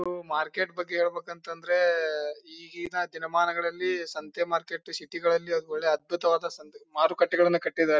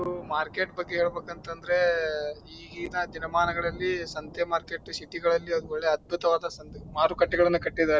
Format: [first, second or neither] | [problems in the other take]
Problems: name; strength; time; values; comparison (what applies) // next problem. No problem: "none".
first | background sound (Thunder); 17 dB below the speech